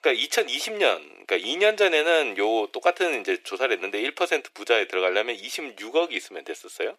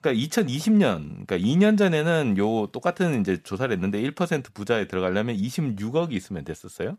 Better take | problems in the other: second | thin; very; fading below 300 Hz

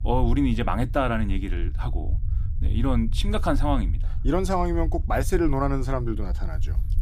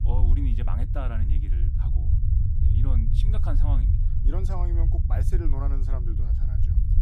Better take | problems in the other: first | low rumble; loud; throughout; 2 dB below the speech; faint in the first

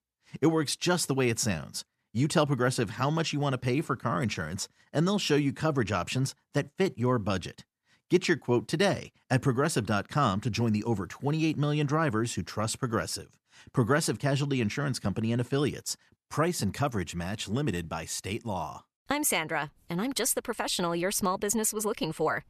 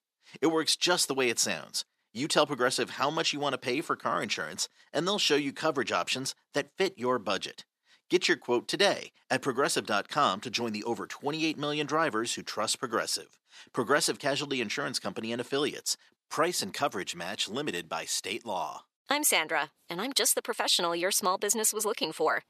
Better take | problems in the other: first | thin; somewhat; fading below 350 Hz

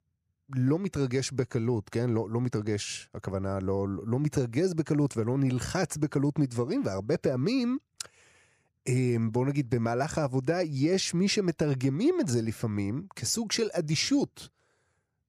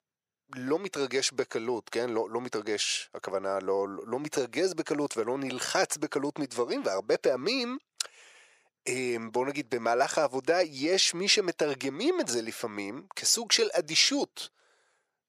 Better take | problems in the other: first | thin; somewhat; fading below 550 Hz

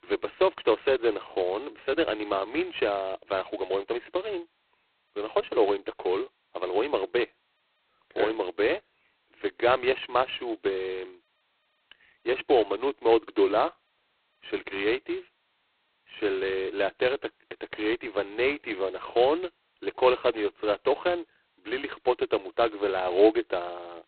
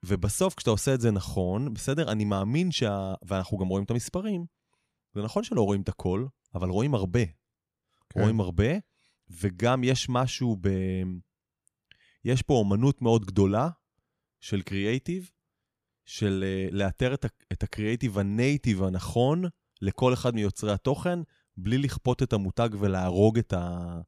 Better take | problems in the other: second | phone-call audio; poor line; nothing above 4 kHz

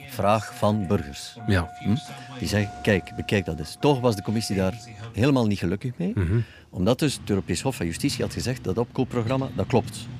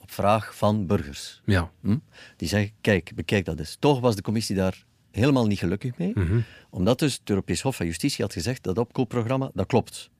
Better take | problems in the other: second | traffic noise; noticeable; throughout; 15 dB below the speech

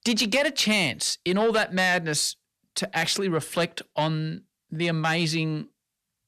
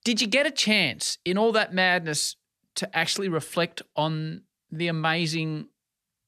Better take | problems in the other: second | distortion; slight; 10 dB below the speech

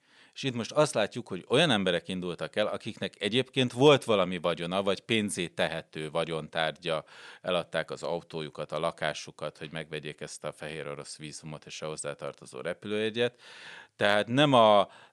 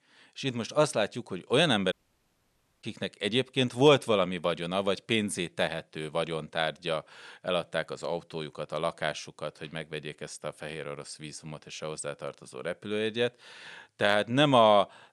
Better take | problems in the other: first | audio cutting out; at 2 s for 1 s

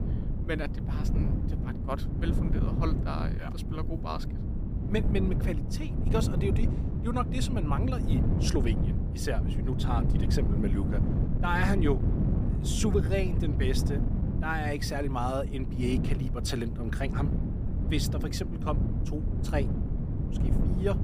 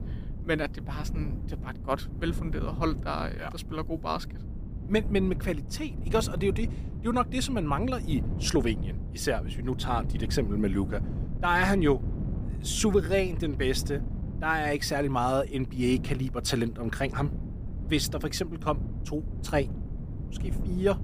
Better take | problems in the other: second | wind noise on the microphone; heavy; 5 dB below the speech; occasional gusts in the second

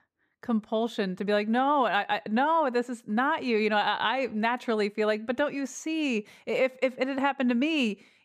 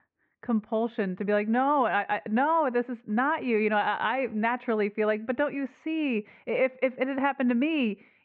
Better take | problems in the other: first | muffled; very; fading above 2.5 kHz

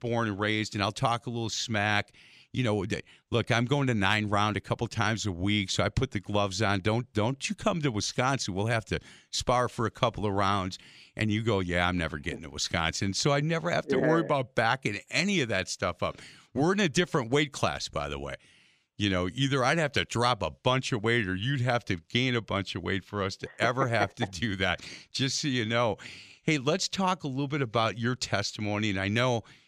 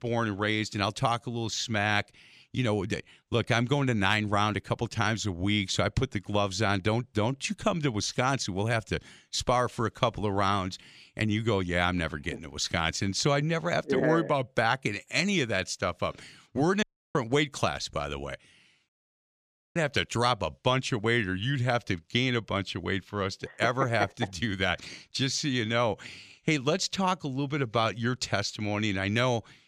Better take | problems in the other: first | audio cutting out; at 17 s and at 19 s for 1 s

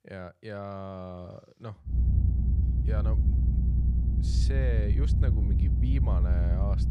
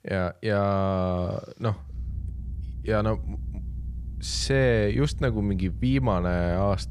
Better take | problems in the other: second | low rumble; loud; from 2 s on; 2 dB below the speech; faint in the second

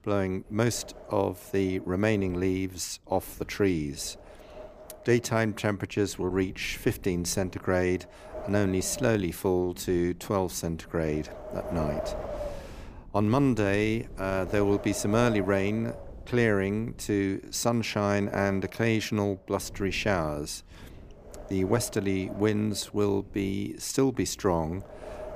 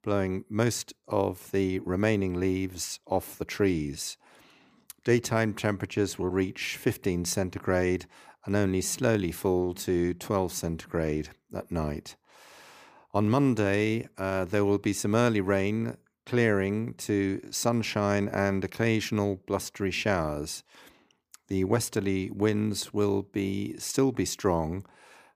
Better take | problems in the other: second | wind noise on the microphone; occasional gusts; 10 dB below the speech

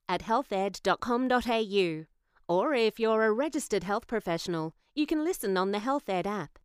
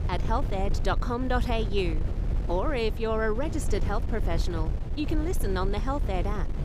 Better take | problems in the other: first | wind noise on the microphone; occasional gusts; 10 dB below the speech

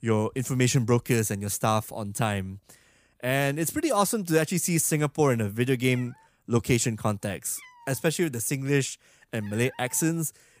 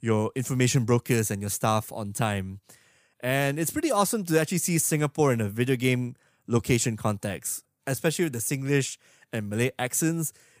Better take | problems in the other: second | animal sounds; faint; throughout; 25 dB below the speech

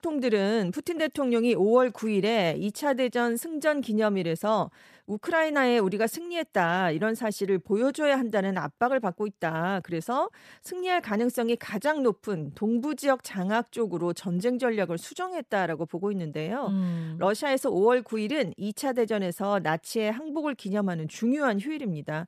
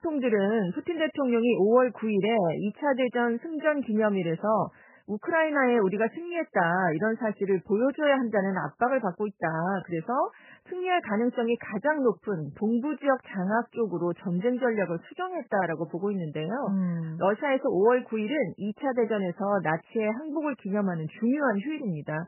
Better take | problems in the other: first | garbled, watery; badly; nothing above 3 kHz

